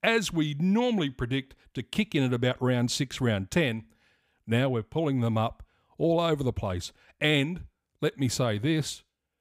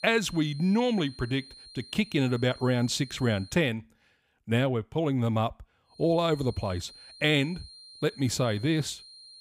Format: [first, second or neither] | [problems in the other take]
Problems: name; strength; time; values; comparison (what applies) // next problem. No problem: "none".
first | high-pitched whine; noticeable; until 3.5 s and from 6 s on; 4 kHz, 20 dB below the speech